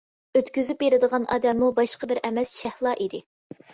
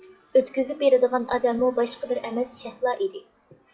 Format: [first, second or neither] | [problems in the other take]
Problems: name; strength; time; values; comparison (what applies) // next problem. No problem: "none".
first | noise reduction (classical method WPE with log-MMSE)